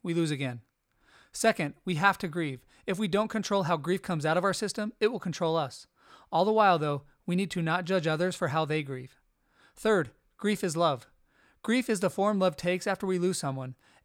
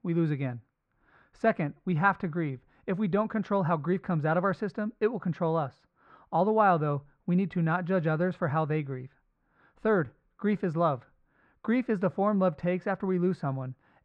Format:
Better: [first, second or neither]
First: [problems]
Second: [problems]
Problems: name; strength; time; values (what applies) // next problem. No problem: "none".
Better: first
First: none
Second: muffled; very; fading above 1.5 kHz